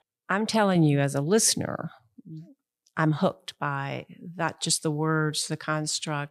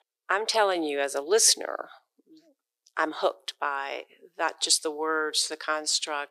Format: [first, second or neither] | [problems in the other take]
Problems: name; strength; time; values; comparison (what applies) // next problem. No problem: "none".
first | thin; very; fading below 350 Hz